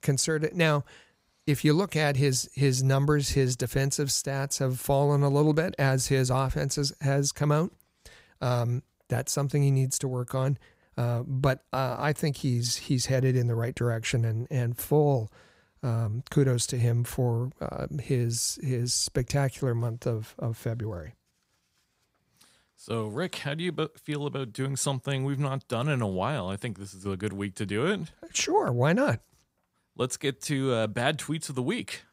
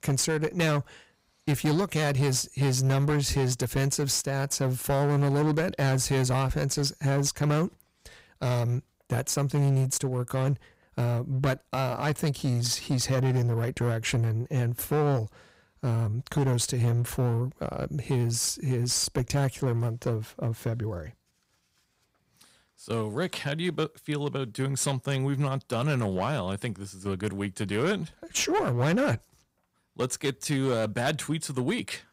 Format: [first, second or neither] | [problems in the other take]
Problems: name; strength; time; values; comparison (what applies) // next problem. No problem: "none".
first | distortion; slight; 10% of the sound clipped